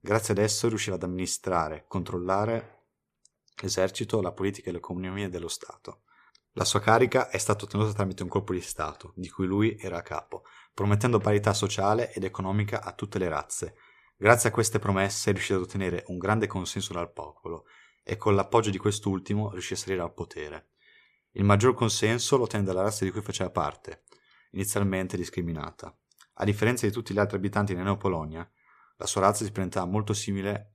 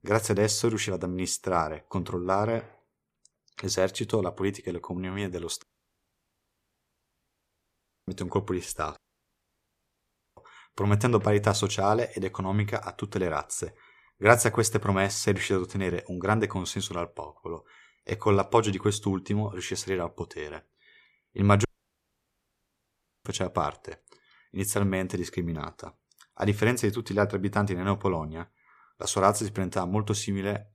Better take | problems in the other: first | audio cutting out; at 5.5 s for 2.5 s, at 9 s for 1.5 s and at 22 s for 1.5 s

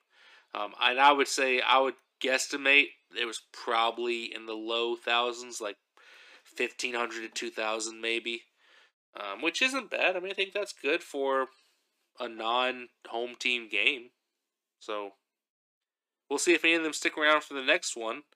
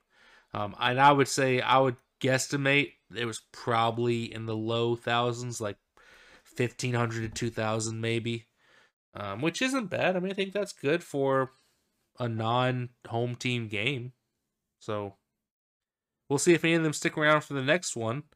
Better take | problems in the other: second | thin; somewhat; fading below 300 Hz

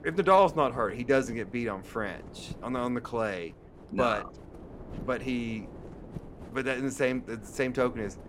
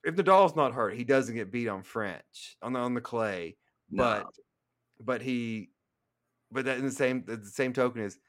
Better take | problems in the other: second | wind noise on the microphone; occasional gusts; 20 dB below the speech

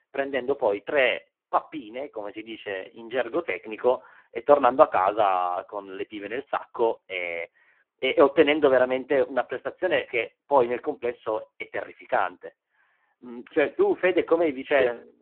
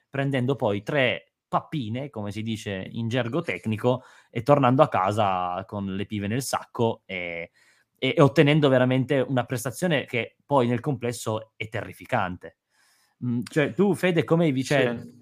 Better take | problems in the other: second | phone-call audio; poor line

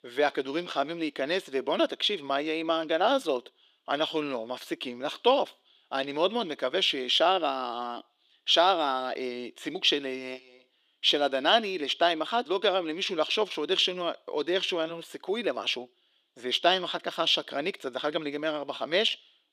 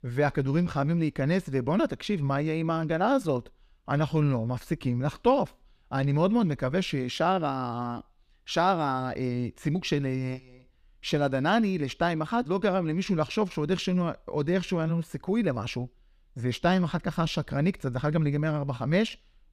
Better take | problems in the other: second | thin; somewhat; fading below 350 Hz

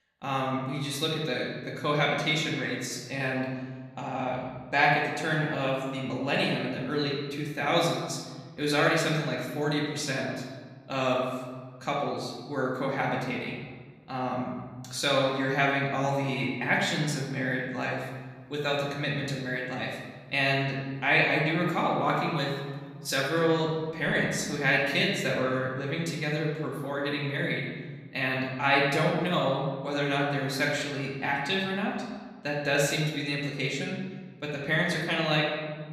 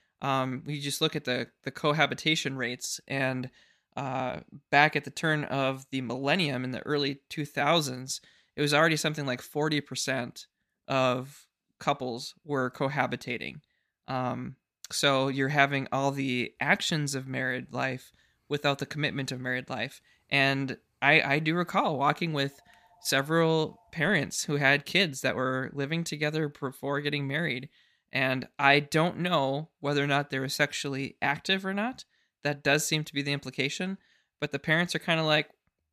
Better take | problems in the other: second | room echo; noticeable; dies away in 1.3 s // off-mic speech; far

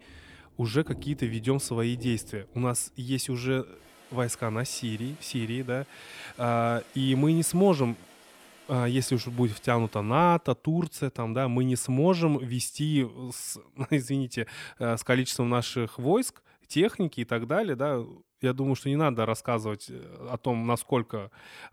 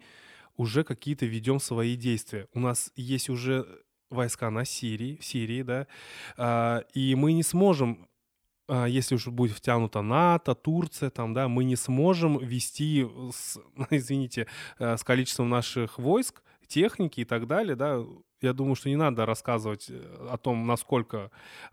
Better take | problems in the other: second | rain or running water; faint; until 10 s; 20 dB below the speech

